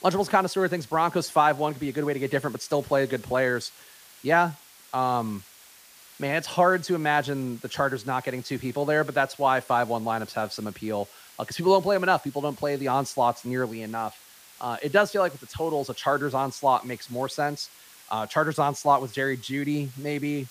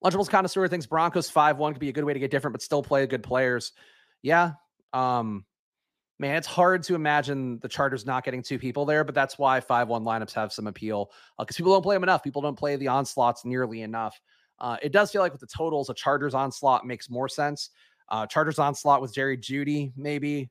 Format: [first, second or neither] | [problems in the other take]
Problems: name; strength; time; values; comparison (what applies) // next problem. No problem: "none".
second | hiss; faint; throughout; 20 dB below the speech